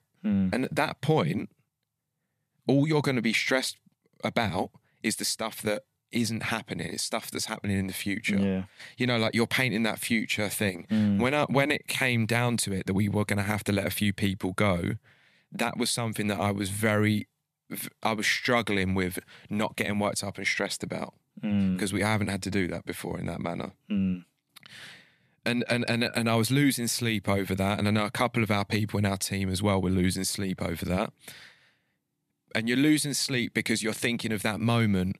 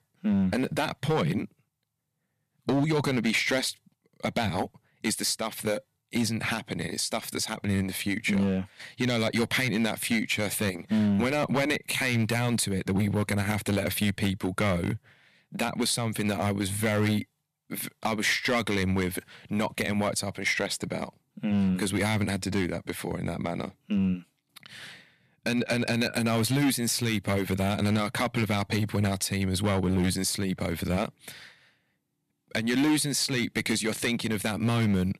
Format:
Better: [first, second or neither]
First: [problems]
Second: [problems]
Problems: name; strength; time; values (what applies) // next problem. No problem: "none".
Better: first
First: none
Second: distortion; slight; 5% of the sound clipped